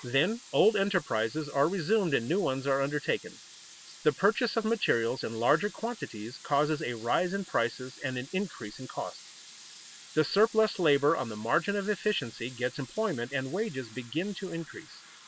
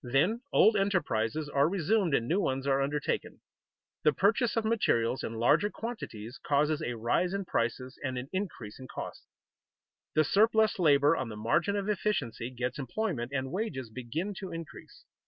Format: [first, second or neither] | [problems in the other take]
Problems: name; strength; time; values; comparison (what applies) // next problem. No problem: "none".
second | background sound (Sink (filling or washing) / Water tap, faucet); 20 dB below the speech